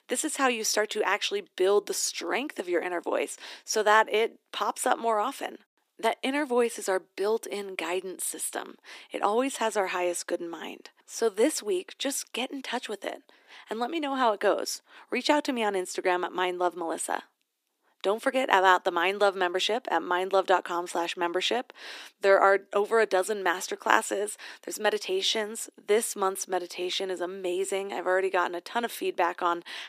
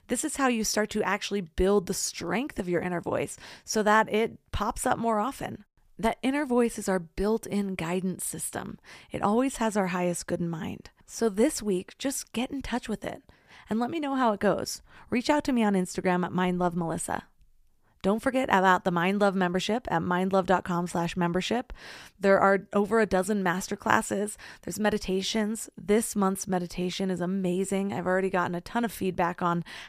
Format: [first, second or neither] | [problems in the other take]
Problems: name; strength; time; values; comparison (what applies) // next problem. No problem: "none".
second | thin; somewhat; fading below 300 Hz